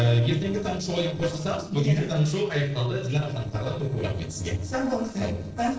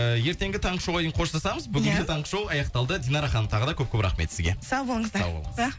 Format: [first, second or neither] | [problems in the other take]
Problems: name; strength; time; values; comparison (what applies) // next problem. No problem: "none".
second | noise reduction (neural separator model SepFormer DNS4)